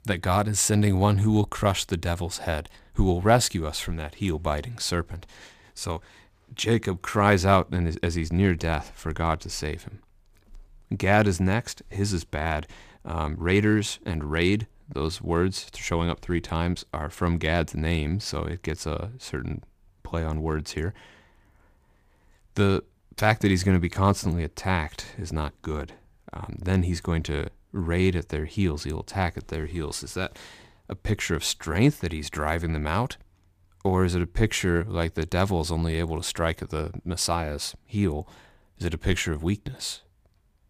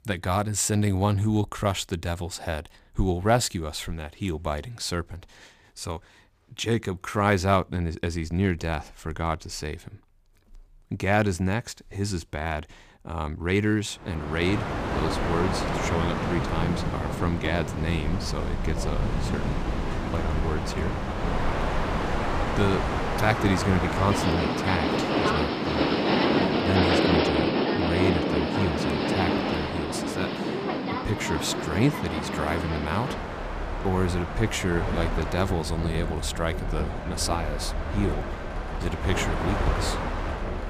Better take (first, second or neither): first